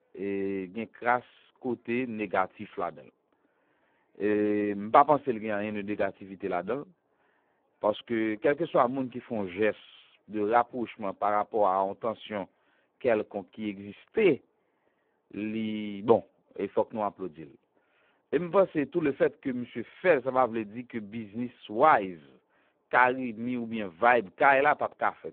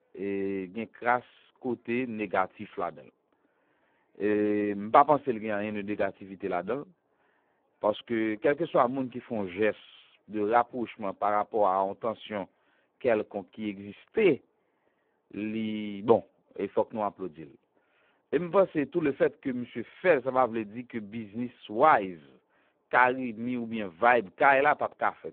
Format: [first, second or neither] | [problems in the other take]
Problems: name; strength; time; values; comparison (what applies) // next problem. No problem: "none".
neither | phone-call audio; poor line; the same in both